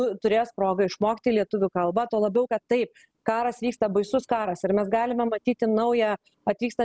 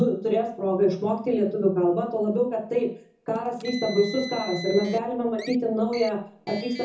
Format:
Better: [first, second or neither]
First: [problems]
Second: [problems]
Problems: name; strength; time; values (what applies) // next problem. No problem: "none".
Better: first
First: none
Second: background sound (Car); 18 dB below the speech // room echo; dies away in 0.5 s